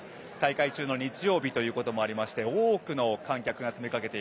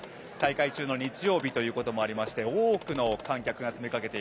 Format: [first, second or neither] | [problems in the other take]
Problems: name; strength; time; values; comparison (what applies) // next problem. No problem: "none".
first | background sound (Clock); 18 dB below the speech